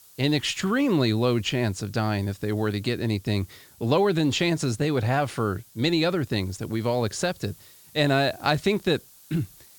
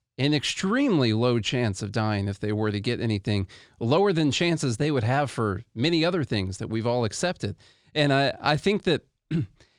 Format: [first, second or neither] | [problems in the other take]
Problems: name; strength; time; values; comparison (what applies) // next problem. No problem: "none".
second | hiss; faint; throughout; 25 dB below the speech